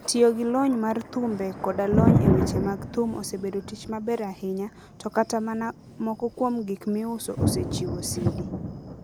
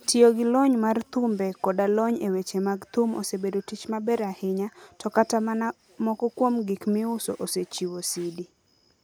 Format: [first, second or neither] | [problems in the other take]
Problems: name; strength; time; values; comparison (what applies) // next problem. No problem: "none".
second | background sound (Thunder); 1 dB below the speech